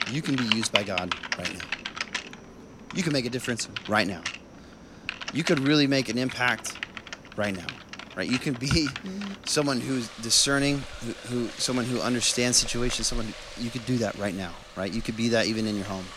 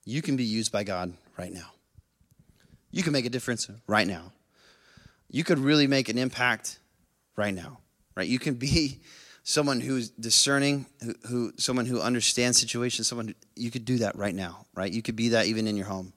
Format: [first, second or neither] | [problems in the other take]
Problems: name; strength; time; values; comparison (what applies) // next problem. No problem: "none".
second | household noises; loud; throughout; 9 dB below the speech